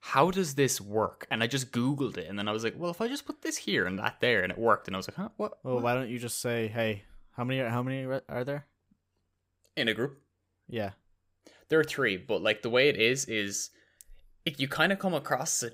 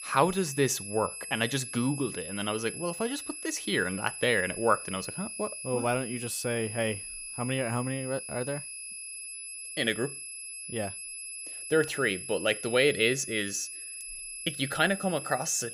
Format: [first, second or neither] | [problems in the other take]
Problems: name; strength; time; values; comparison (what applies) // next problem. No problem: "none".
first | high-pitched whine; loud; throughout; 11 kHz, 8 dB below the speech